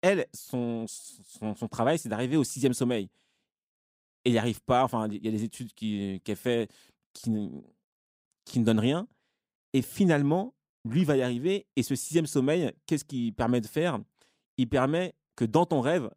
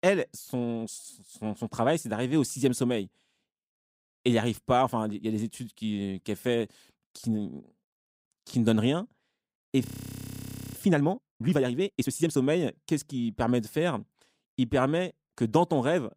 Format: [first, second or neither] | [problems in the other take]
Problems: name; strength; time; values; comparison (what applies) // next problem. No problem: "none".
first | audio freezing; at 10 s for 1 s